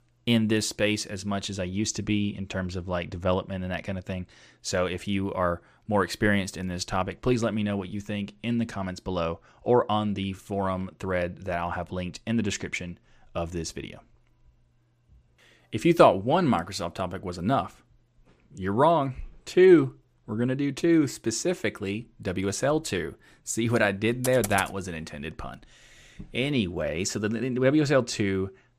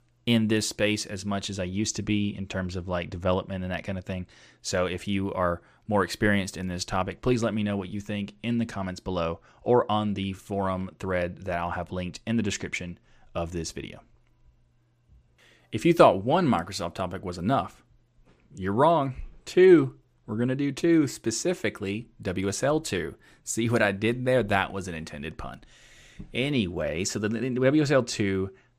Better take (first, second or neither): second